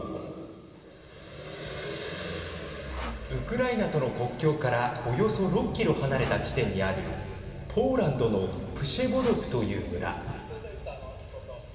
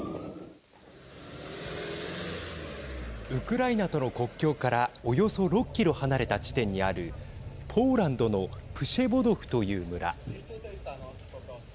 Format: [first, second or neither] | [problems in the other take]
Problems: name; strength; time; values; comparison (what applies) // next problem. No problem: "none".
second | background sound (Sawing); 18 dB below the speech // room echo; dies away in 2.5 s